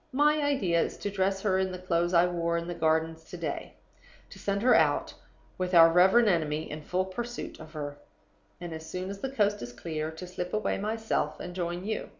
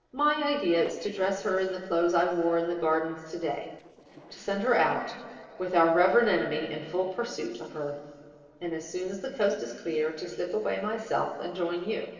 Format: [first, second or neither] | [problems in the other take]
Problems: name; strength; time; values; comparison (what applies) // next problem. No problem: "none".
first | noise reduction (neural separator model SepFormer DNS4)